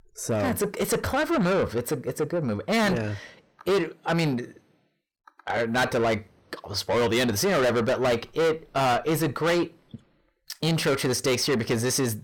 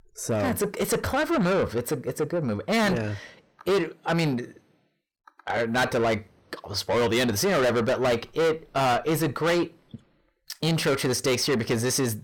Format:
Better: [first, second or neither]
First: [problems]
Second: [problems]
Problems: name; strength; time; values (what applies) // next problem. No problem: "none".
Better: neither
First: distortion; heavy; 6 dB below the speech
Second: distortion; heavy; 6 dB below the speech